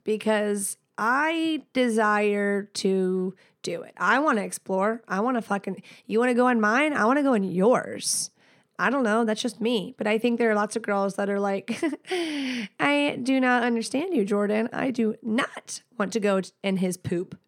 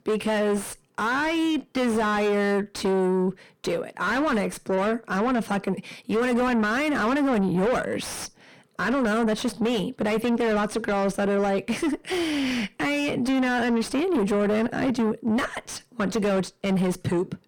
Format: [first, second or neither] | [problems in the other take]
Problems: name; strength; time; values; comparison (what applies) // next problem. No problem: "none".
first | distortion; heavy; 6 dB below the speech